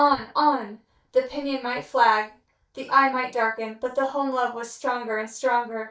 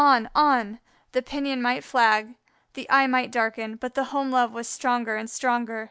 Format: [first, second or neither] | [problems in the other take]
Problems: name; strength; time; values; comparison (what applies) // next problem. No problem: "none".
second | noise reduction (neural mask model DeepFilterNet 3)